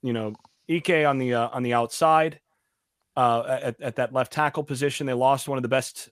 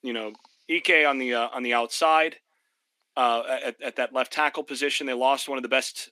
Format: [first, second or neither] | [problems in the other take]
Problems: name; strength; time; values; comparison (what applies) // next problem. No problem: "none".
first | thin; very slightly; fading below 250 Hz